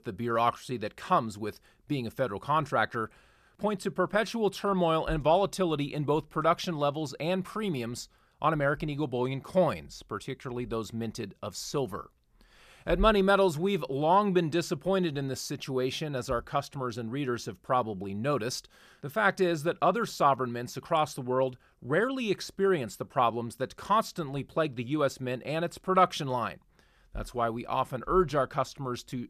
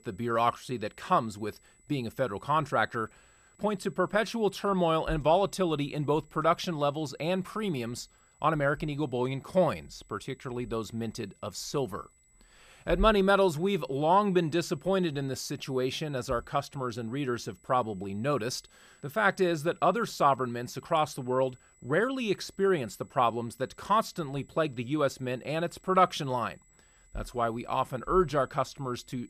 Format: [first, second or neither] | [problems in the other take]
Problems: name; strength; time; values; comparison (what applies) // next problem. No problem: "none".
first | high-pitched whine; faint; throughout; 8 kHz, 35 dB below the speech